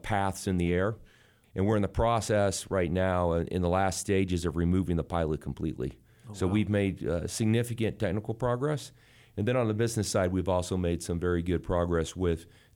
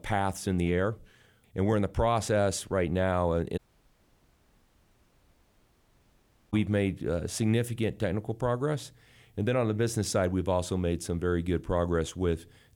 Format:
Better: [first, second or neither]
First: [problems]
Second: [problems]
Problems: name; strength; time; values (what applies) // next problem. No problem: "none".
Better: first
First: none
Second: audio cutting out; at 3.5 s for 3 s